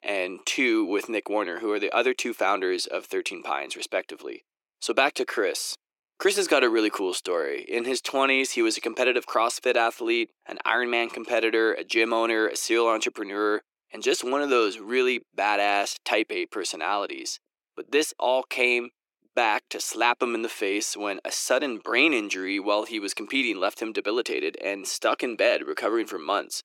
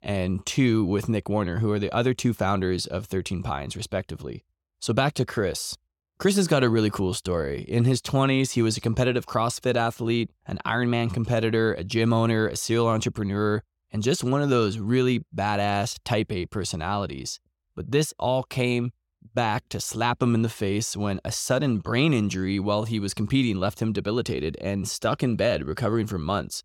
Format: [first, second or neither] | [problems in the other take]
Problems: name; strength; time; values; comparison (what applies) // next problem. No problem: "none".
second | thin; very; fading below 300 Hz